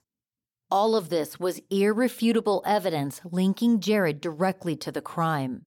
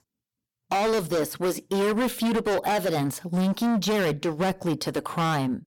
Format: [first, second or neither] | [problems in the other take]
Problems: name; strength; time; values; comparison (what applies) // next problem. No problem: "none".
first | distortion; heavy; 25% of the sound clipped